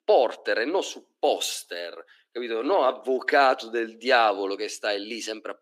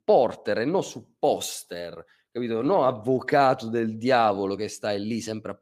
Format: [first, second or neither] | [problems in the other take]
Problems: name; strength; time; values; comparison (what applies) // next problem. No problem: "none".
second | thin; somewhat; fading below 300 Hz